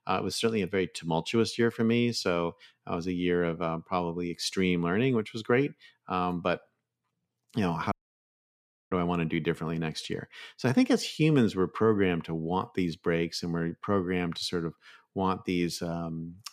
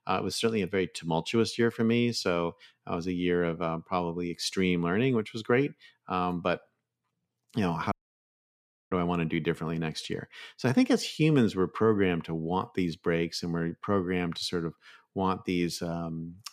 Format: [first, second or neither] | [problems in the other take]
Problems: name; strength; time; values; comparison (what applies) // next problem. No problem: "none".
neither | audio cutting out; at 8 s for 1 s; the same in both